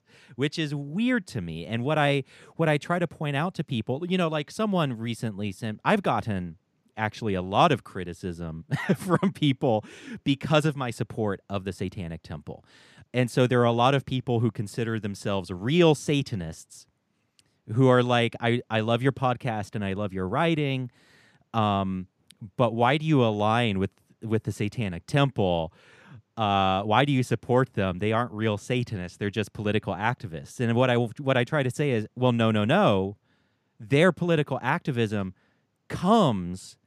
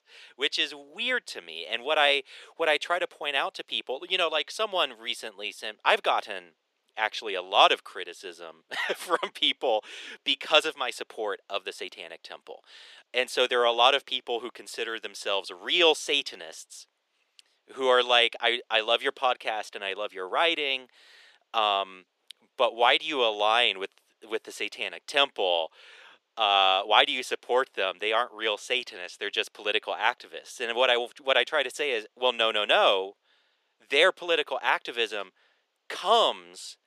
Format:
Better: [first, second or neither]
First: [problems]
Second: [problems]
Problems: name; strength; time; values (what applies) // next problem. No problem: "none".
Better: first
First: none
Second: thin; very; fading below 450 Hz